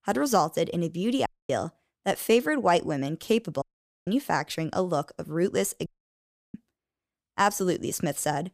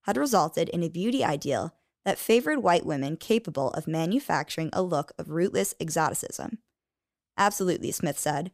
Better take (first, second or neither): second